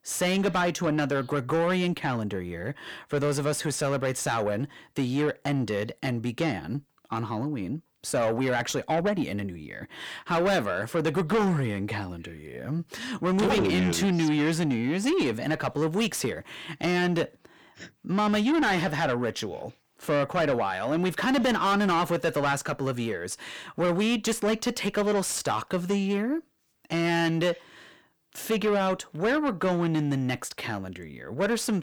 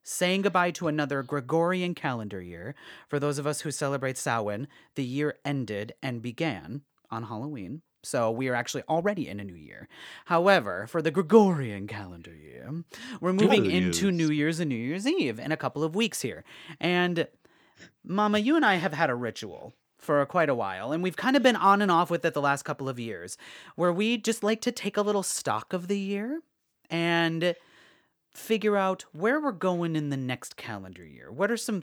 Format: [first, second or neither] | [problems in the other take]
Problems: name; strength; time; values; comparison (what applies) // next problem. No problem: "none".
second | distortion; heavy; 6 dB below the speech